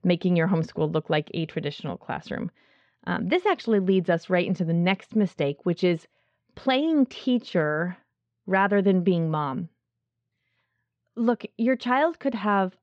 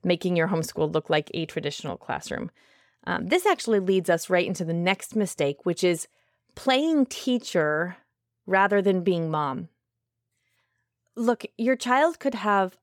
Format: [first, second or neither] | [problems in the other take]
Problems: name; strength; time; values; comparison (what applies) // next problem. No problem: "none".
second | muffled; very slightly; fading above 4.5 kHz